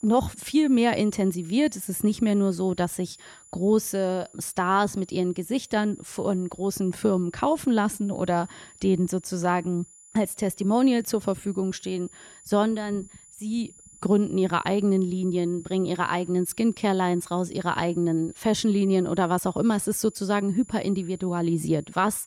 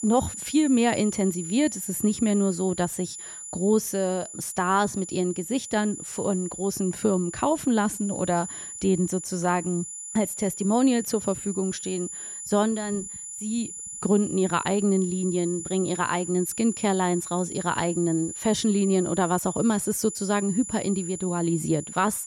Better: first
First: high-pitched whine; faint; throughout; 7 kHz, 25 dB below the speech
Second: high-pitched whine; loud; throughout; 7 kHz, 9 dB below the speech

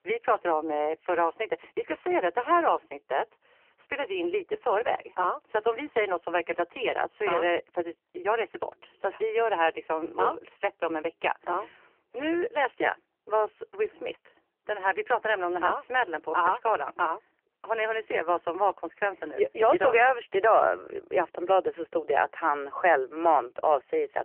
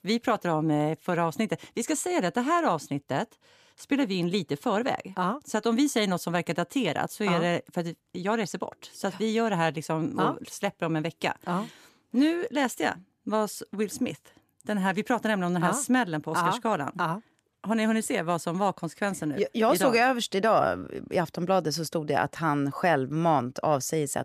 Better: second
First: phone-call audio; poor line; nothing above 3 kHz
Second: none

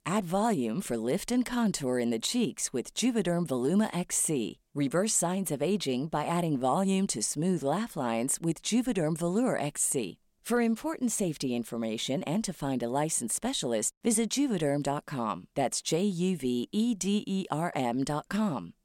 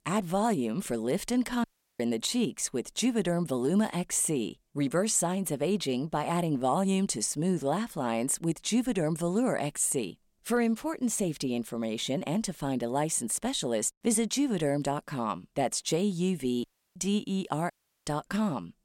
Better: first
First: none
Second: audio cutting out; at 1.5 s, at 17 s and at 18 s

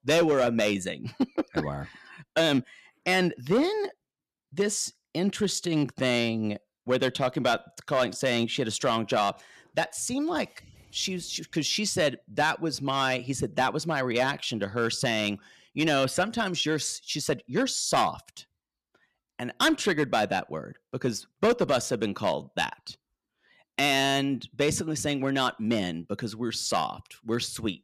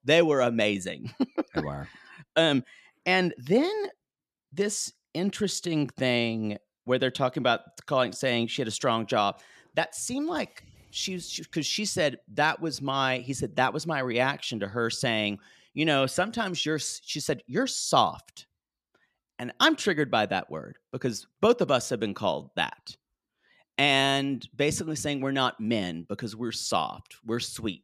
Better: second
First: distortion; slight; 3% of the sound clipped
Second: none

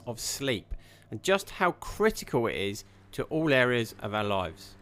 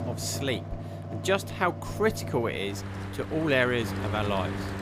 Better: first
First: machinery noise; faint; throughout; 30 dB below the speech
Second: machinery noise; loud; throughout; 7 dB below the speech

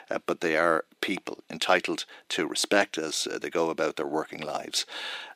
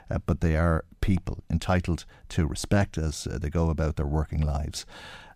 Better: second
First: thin; very; fading below 350 Hz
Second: none

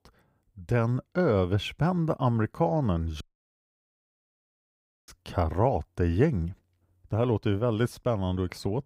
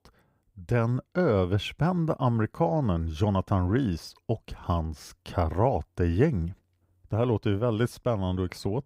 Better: second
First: audio cutting out; at 3 s for 2 s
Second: none

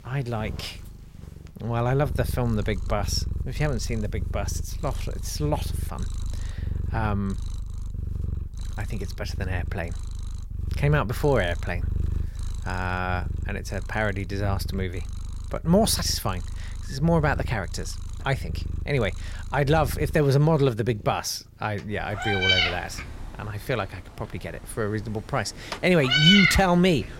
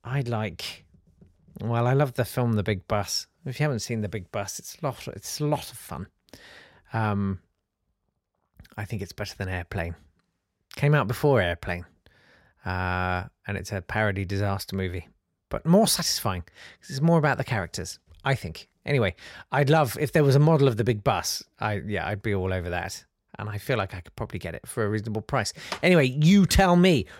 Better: second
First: animal sounds; loud; throughout; 3 dB below the speech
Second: none

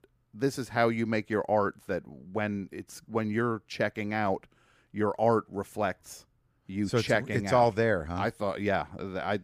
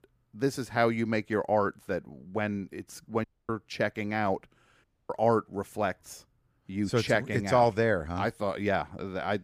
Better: first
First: none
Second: audio cutting out; at 3 s and at 5 s

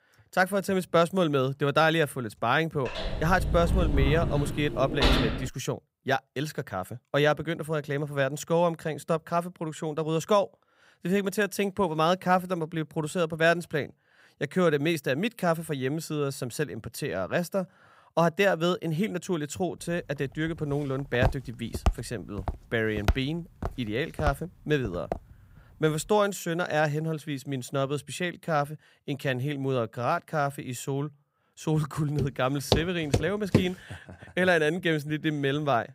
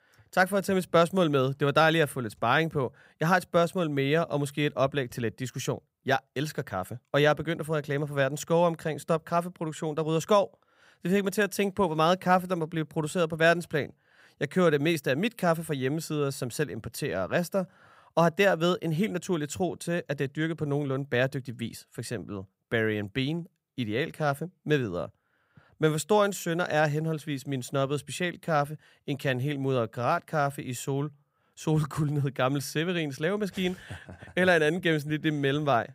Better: second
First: door banging; loud; from 3 to 5.5 s; peak 4 dB above the speech // footsteps; noticeable; from 21 to 25 s; peak 3 dB below the speech // footsteps; loud; from 32 to 34 s; peak 1 dB above the speech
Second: none

